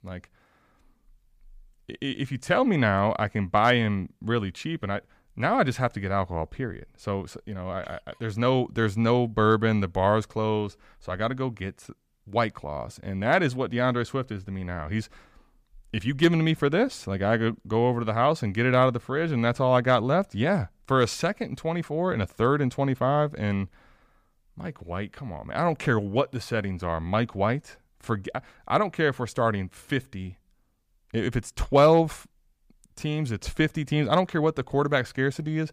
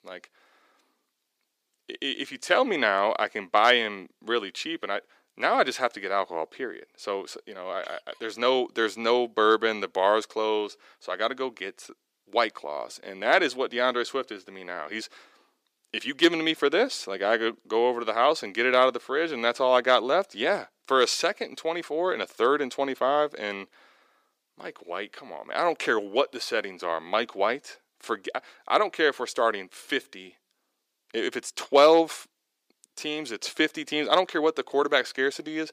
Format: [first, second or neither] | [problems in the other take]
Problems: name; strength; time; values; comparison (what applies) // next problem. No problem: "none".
first | thin; somewhat; fading below 350 Hz